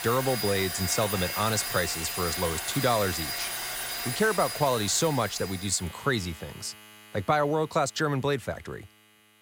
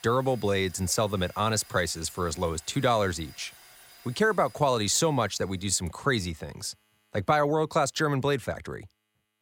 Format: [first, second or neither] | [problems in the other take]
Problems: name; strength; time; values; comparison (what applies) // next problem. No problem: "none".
second | household noises; loud; throughout; 4 dB below the speech; faint in the second